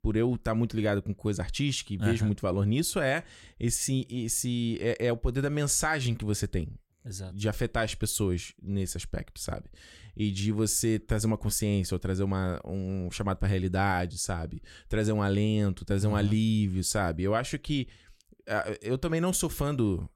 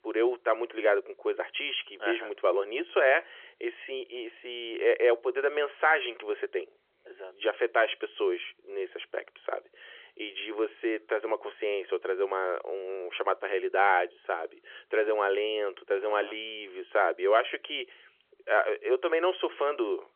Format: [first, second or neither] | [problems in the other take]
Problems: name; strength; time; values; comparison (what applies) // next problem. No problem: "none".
first | phone-call audio; nothing above 3.5 kHz